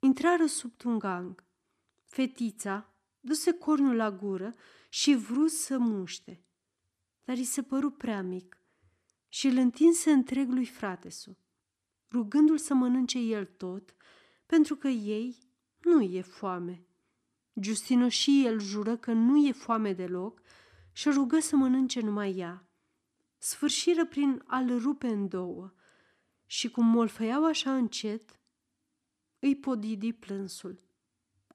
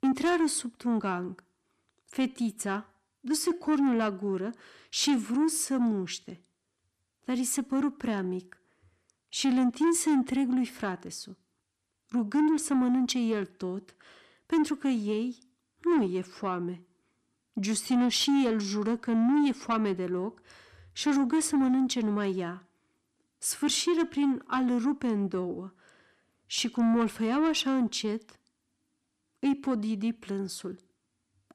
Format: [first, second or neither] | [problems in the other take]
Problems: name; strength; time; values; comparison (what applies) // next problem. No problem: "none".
first | distortion; slight; 10 dB below the speech